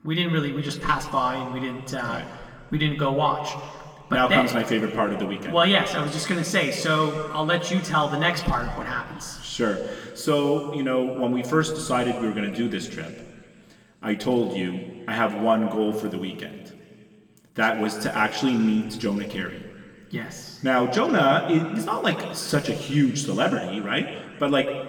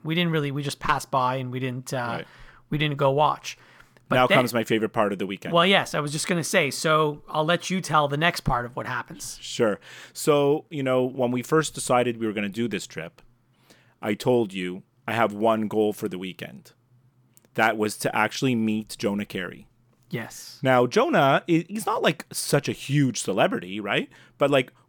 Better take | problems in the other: second | room echo; slight; dies away in 2.1 s // off-mic speech; somewhat distant

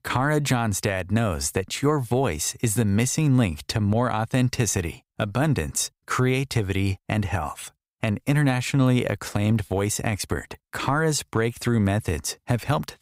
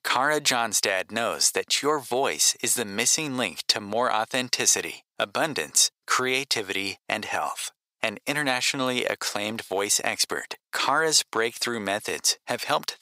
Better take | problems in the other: first | thin; very; fading below 500 Hz

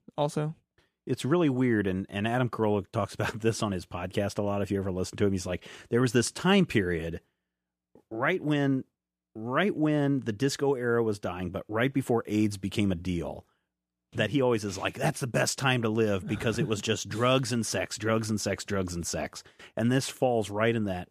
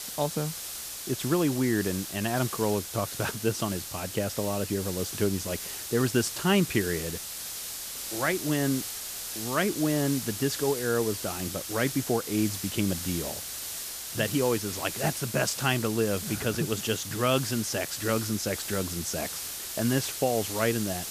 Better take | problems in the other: first | hiss; loud; throughout; 5 dB below the speech

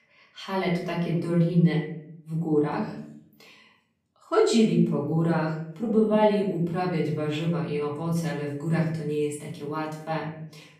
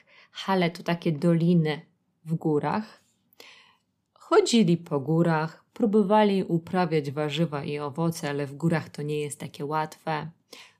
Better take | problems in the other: second | off-mic speech; far // room echo; noticeable; dies away in 0.7 s

